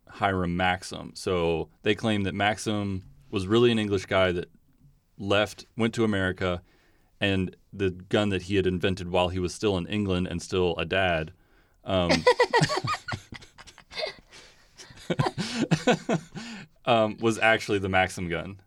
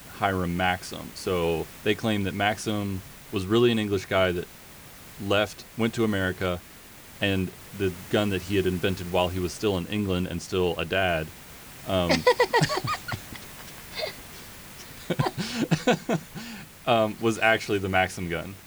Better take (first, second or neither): first